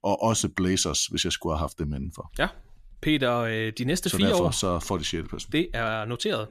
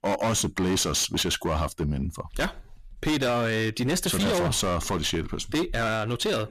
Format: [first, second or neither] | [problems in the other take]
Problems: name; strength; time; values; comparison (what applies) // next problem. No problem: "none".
first | distortion; heavy; 21% of the sound clipped